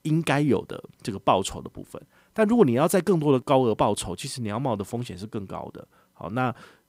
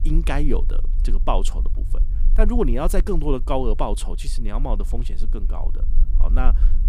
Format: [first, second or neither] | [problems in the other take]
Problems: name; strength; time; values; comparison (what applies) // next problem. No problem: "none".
first | low rumble; faint; throughout; 20 dB below the speech